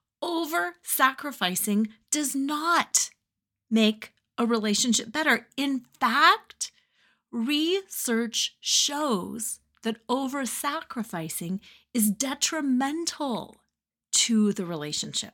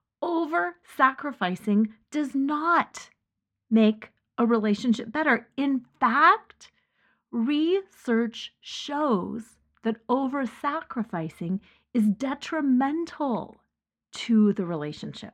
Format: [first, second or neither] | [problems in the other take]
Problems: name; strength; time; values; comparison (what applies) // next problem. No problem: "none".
first | muffled; very; fading above 4 kHz